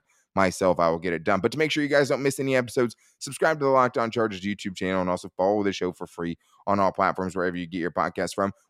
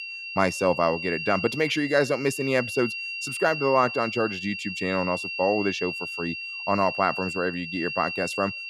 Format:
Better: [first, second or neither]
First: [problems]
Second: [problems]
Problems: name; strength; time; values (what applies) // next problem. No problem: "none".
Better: first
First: none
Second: high-pitched whine; loud; throughout; 2.5 kHz, 5 dB below the speech